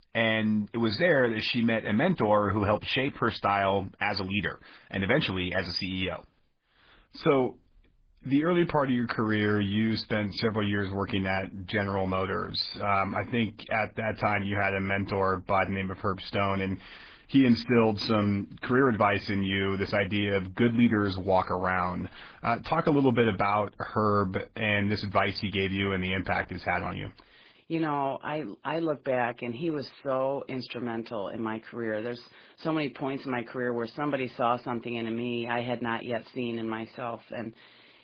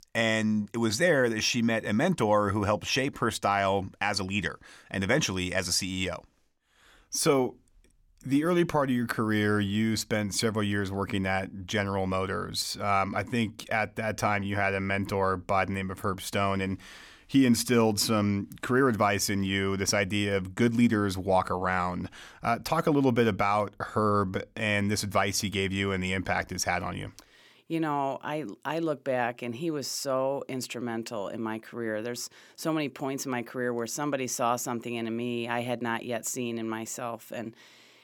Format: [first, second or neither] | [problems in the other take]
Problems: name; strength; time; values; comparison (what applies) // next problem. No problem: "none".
second | garbled, watery; badly